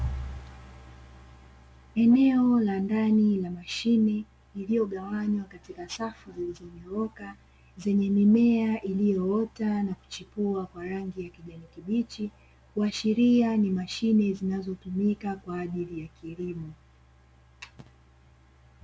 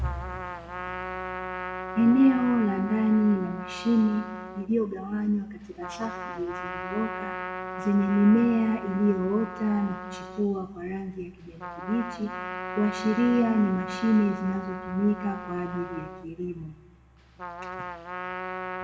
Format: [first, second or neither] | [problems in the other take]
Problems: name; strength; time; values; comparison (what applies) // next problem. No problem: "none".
first | background sound (Trumpet); 10 dB below the speech // room echo; dies away in 1.2 s